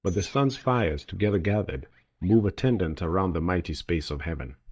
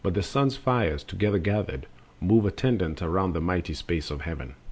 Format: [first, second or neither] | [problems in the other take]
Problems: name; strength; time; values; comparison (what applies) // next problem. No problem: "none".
second | noise reduction (neural mask model DeepFilterNet 3)